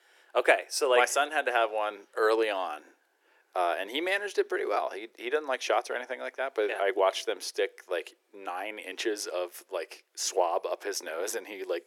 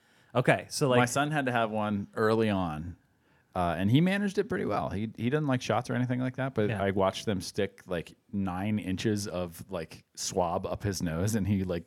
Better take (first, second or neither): second